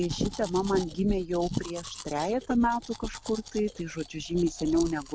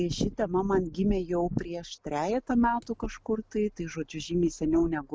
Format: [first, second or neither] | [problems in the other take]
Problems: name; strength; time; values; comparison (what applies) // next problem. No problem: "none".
second | background sound (Domestic sounds, home sounds); 16 dB below the speech